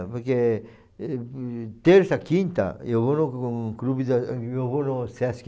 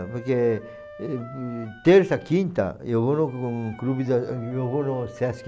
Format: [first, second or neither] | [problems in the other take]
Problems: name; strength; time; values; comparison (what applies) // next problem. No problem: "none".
first | background sound (Wind instrument, woodwind instrument); 20 dB below the speech